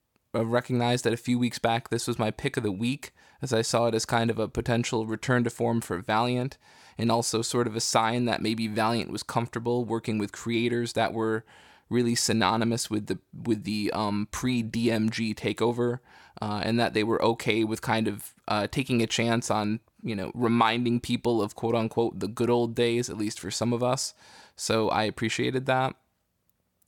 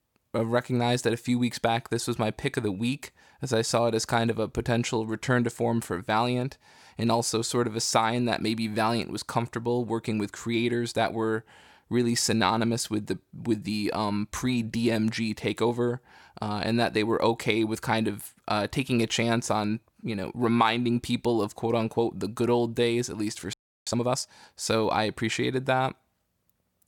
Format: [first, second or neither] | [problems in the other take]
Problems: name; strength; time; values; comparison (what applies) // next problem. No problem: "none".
first | audio freezing; at 24 s